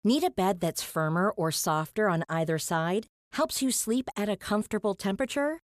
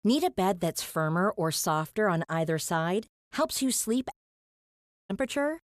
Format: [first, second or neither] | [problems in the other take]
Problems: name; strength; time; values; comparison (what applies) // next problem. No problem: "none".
first | audio cutting out; at 4 s for 1 s